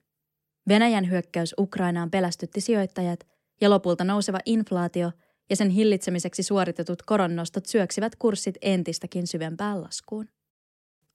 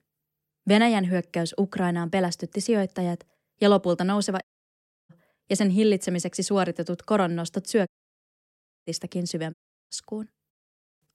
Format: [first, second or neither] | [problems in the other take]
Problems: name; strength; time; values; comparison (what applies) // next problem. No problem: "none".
first | audio cutting out; at 4.5 s for 0.5 s, at 8 s for 1 s and at 9.5 s